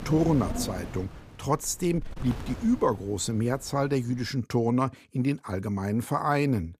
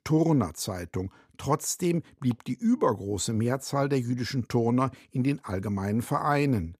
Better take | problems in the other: second | wind noise on the microphone; occasional gusts; until 4.5 s; 10 dB below the speech

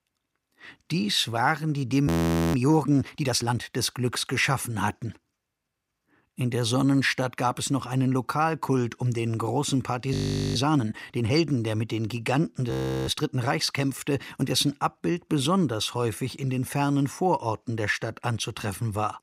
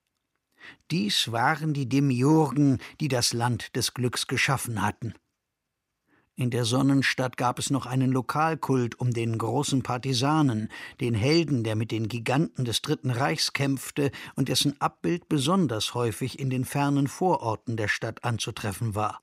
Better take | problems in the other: second | audio freezing; at 2 s, at 10 s and at 13 s

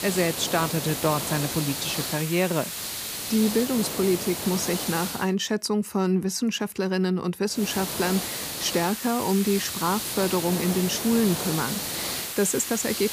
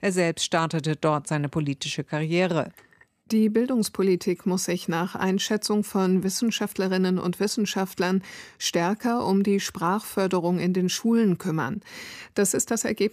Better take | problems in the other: second | hiss; loud; until 5 s and from 7.5 s on; 4 dB below the speech

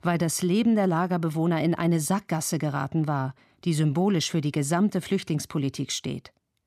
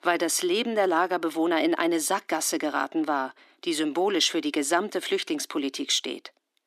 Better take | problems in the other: first | thin; somewhat; fading below 300 Hz

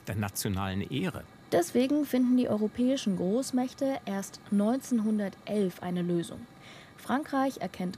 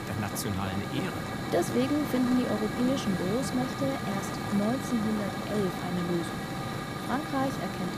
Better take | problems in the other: first | hiss; loud; throughout; 3 dB below the speech; faint in the first

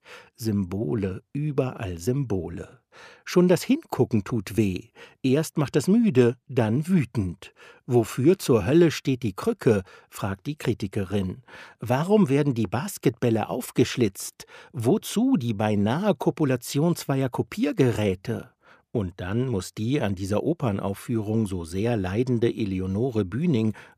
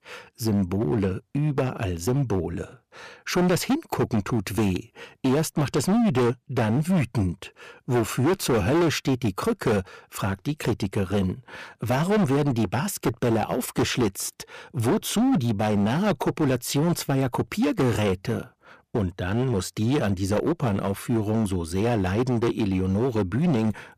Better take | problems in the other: first | distortion; heavy; 14% of the sound clipped

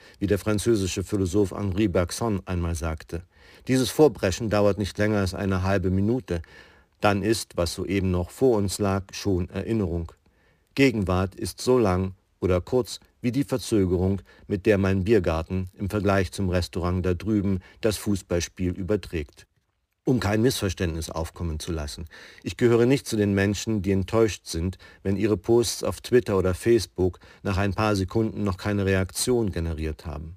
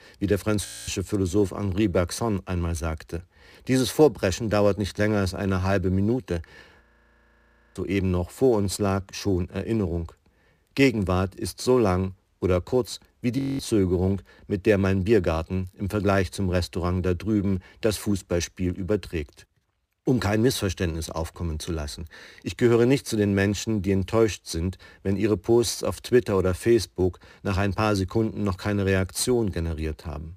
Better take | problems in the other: first | audio freezing; at 0.5 s, at 7 s for 1 s and at 13 s

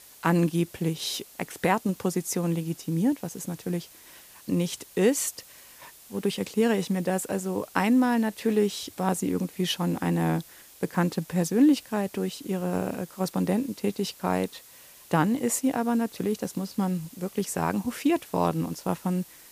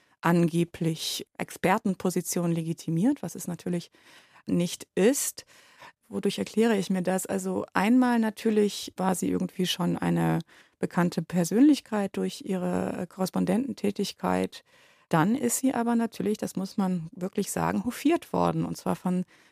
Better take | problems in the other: second | hiss; faint; throughout; 20 dB below the speech

